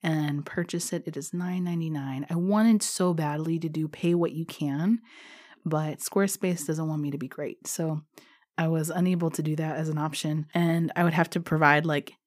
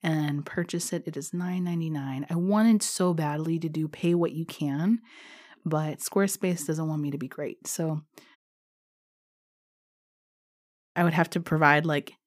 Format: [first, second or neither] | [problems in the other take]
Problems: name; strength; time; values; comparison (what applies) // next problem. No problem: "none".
first | audio cutting out; at 8.5 s for 2.5 s